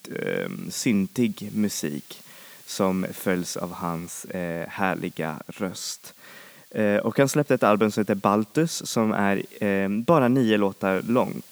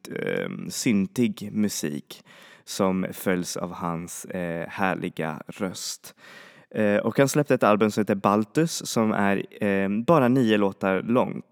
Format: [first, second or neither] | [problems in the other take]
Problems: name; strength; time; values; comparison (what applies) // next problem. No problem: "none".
second | hiss; faint; throughout; 25 dB below the speech